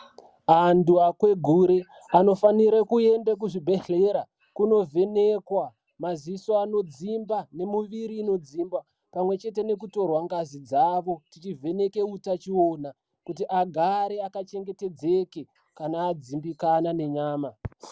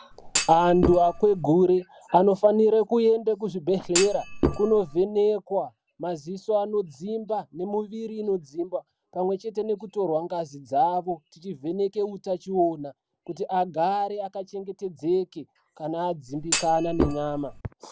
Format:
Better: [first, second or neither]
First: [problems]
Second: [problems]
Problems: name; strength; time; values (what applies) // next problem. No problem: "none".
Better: first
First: none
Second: background sound (Thump, thud); 4 dB below the speech